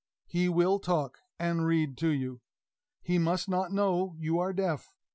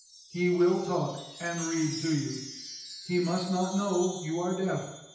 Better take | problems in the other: first | background sound (Wind chime); 14 dB below the speech // room echo; dies away in 0.9 s

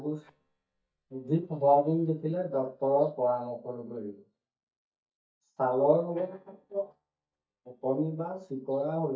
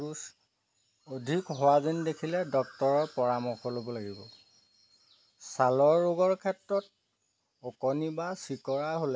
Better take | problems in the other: second | noise reduction (neural mask model DeepFilterNet 3)

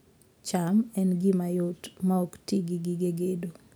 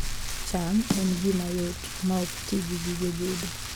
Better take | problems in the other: first | background sound (Rain + Snare drum); 4 dB below the speech

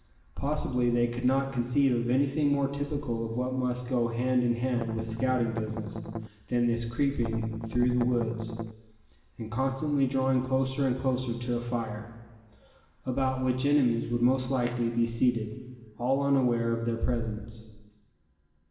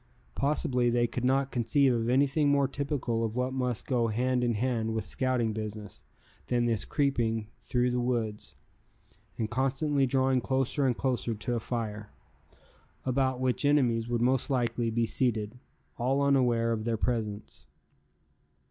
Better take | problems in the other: second | background sound (Strum); 7 dB below the speech // room echo; dies away in 1.2 s

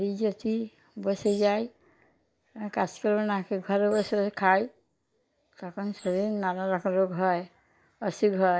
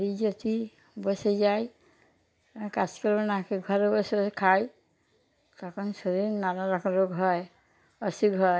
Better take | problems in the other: second | noise reduction (neural mask model Resemble Enhance denoiser)

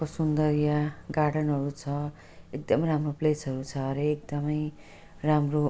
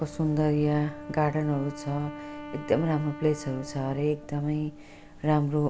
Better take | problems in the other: first | background sound (Wind instrument, woodwind instrument); 15 dB below the speech

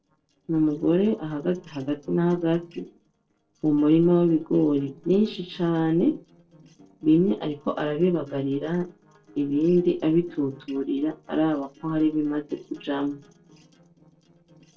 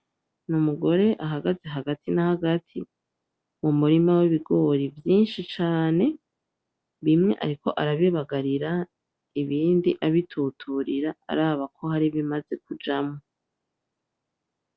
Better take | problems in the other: second | noise reduction (neural separator model SepFormer DNS4)

